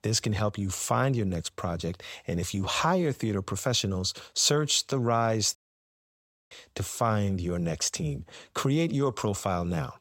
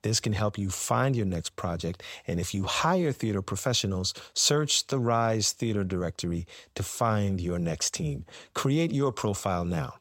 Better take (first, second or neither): second